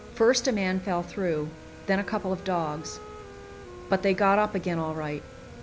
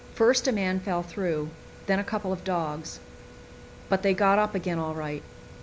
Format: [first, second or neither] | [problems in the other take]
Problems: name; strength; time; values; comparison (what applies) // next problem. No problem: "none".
second | background sound (Wind instrument, woodwind instrument); 19 dB below the speech